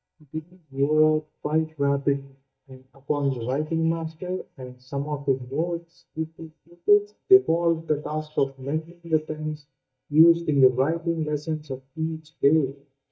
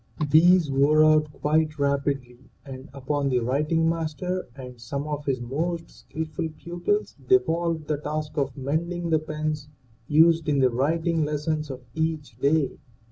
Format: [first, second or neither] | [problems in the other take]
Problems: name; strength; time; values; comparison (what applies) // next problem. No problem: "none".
second | noise reduction (neural mask model DeepFilterNet 3)